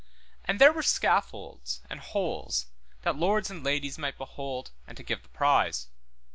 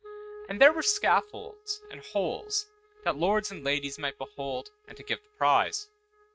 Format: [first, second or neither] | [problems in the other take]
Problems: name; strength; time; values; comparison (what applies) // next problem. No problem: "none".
first | noise reduction (neural mask model RNNoise)